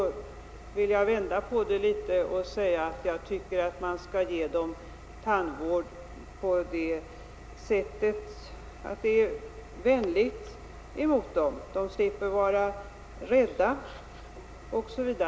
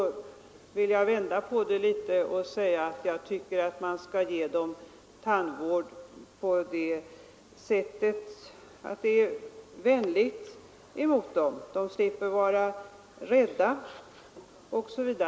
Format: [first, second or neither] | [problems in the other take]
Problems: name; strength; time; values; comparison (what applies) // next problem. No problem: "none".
second | background sound (Engine); 16 dB below the speech